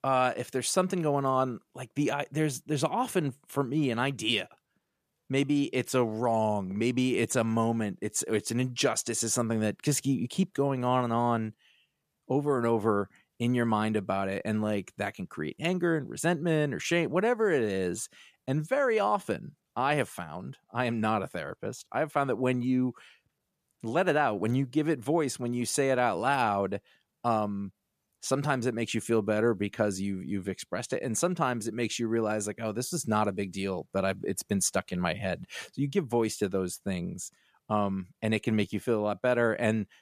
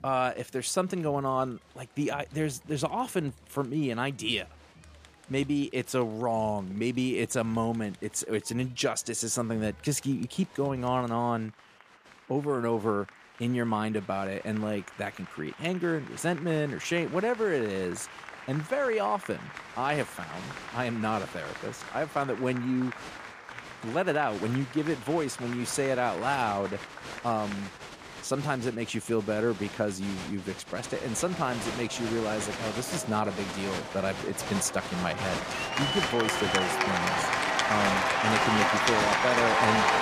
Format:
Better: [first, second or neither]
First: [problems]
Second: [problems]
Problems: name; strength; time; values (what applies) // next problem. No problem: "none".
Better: first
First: none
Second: crowd noise; loud; throughout; 1 dB below the speech